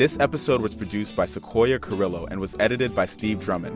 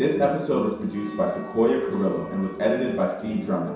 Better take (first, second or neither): first